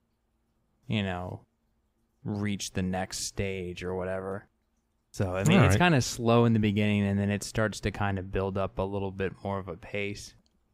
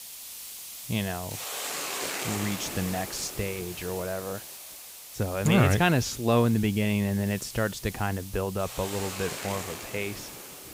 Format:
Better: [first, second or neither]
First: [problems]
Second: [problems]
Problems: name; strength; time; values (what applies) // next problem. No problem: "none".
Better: first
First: none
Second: hiss; loud; throughout; 8 dB below the speech